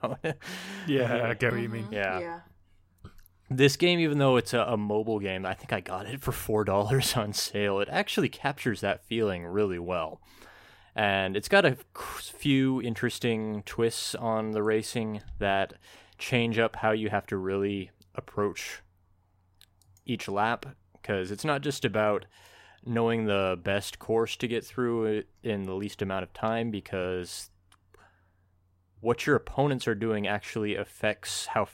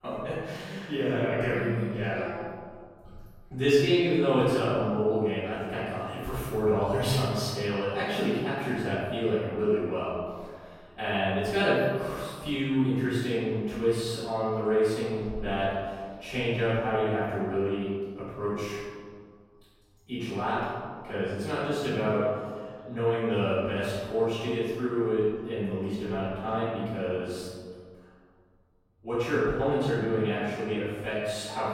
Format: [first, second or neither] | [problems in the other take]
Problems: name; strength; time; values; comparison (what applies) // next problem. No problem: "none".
first | off-mic speech; far // room echo; strong; dies away in 1.8 s